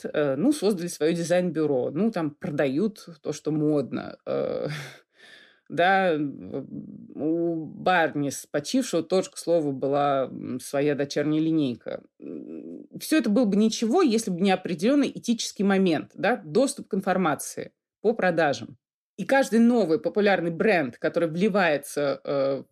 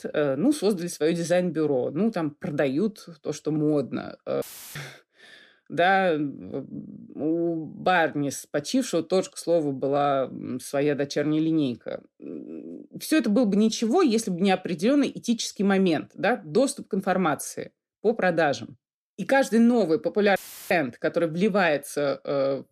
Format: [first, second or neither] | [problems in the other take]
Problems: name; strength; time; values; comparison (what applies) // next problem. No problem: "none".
first | audio cutting out; filled with static; at 4.5 s and at 20 s